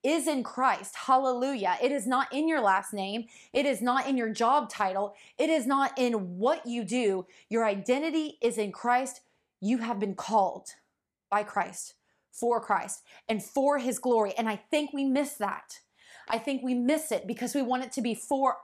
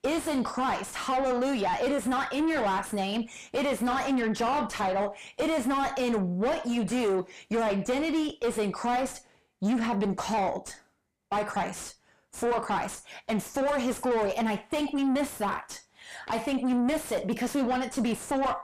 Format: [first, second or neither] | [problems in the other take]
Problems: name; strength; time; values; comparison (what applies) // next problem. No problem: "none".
first | distortion; heavy; 5 dB below the speech